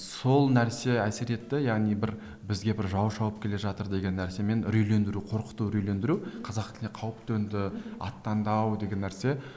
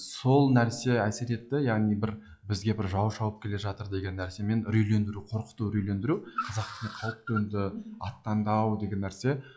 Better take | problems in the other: first | noise reduction (classical method log-MMSE)

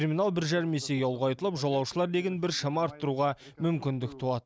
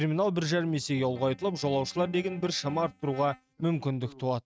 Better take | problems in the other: first | noise reduction (neural mask model RNNoise)

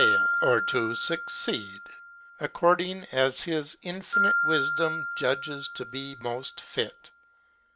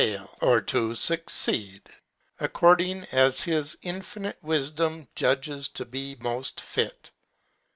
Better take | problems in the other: second | background sound (Glockenspiel); 1 dB below the speech

